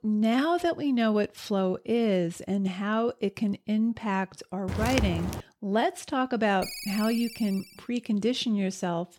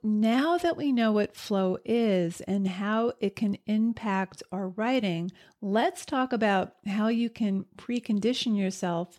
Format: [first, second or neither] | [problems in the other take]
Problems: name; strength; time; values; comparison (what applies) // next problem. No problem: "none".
second | footsteps; noticeable; at 4.5 s; peak 1 dB below the speech // phone ringing; noticeable; from 6.5 to 8 s; peak 8 dB below the speech